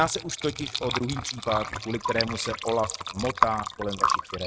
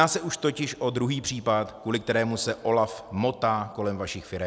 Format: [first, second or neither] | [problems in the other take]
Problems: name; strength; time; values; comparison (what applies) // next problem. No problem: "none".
second | noise reduction (neural mask model RNNoise)